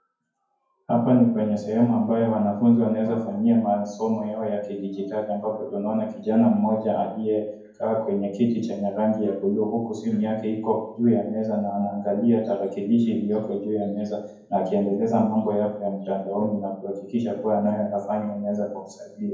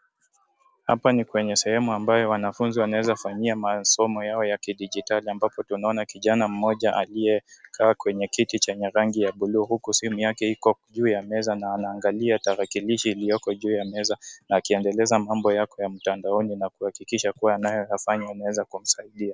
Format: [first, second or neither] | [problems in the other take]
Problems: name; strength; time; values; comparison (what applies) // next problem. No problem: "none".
second | room echo; dies away in 0.9 s